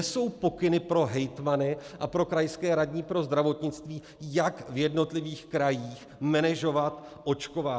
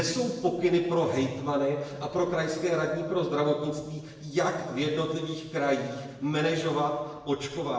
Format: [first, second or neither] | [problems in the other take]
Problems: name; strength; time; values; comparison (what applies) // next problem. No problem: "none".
first | room echo; dies away in 1 s